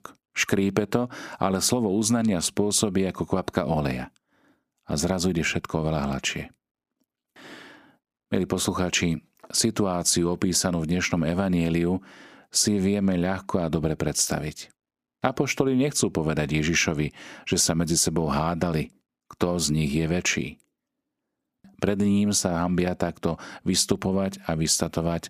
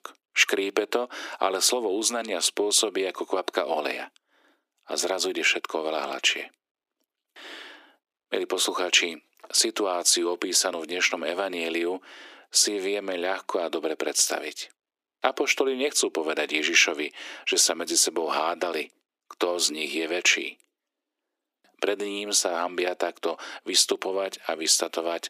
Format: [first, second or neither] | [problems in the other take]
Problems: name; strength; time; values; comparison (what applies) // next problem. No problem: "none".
first | thin; very; fading below 300 Hz